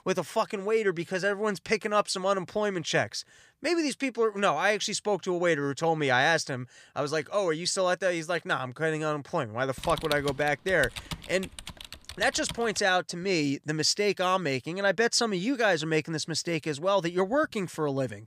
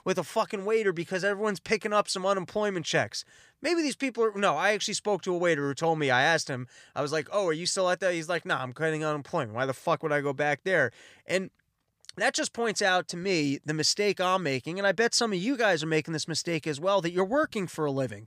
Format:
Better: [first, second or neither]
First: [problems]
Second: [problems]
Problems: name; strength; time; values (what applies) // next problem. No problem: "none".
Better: second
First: keyboard typing; noticeable; from 10 to 13 s; peak 8 dB below the speech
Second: none